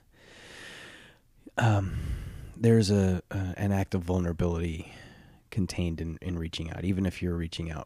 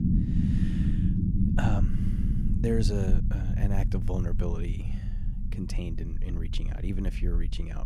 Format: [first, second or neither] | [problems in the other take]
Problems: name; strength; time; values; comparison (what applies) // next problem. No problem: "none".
first | low rumble; loud; throughout; 2 dB below the speech